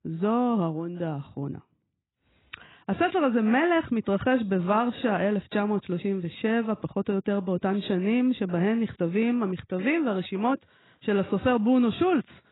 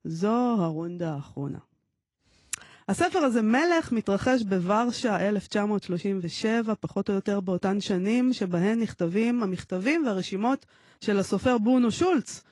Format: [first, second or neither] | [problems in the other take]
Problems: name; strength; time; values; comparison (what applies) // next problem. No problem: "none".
second | garbled, watery; badly; nothing above 4 kHz; slightly in the second